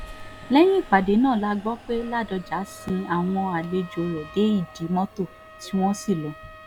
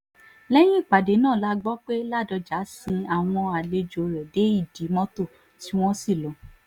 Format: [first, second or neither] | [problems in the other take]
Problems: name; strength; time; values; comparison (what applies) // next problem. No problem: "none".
second | background sound (Trumpet + Subway, metro, underground); 18 dB below the speech